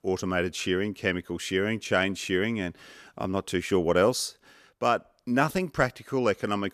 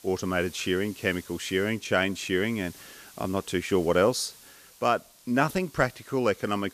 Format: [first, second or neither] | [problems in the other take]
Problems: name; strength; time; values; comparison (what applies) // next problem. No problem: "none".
first | hiss; faint; throughout; 20 dB below the speech